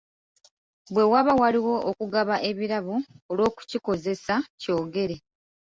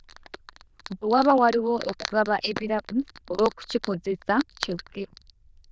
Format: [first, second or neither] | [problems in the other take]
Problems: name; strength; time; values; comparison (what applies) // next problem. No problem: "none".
first | noise reduction (neural diffusion model UNIVERSE++)